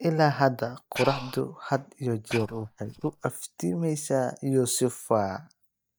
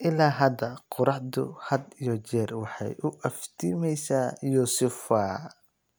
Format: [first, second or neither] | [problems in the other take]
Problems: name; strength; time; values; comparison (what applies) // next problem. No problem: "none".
second | noise reduction (neural mask model DeepFilterNet 3)